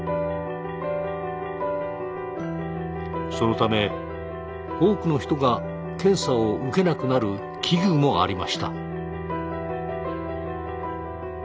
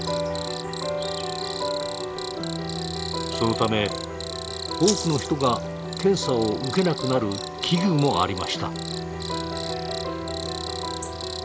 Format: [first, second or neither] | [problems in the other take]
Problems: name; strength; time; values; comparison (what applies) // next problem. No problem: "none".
first | background sound (Rattle (instrument) + Cricket); 10 dB below the speech